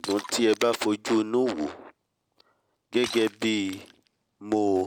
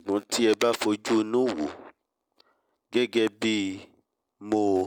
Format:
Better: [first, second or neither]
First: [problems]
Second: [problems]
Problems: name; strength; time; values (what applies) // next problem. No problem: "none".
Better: second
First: background sound (Shatter); 19 dB below the speech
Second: none